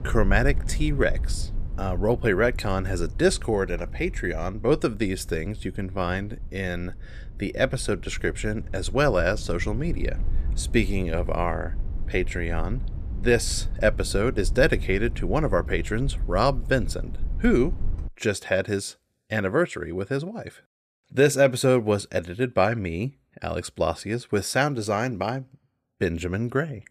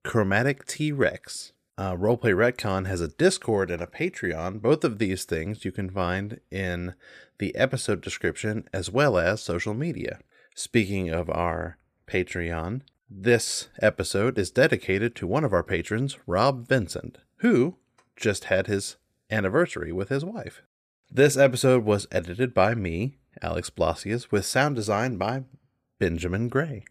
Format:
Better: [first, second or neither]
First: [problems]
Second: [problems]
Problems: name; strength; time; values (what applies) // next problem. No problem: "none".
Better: second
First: low rumble; faint; until 18 s; 25 dB below the speech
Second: none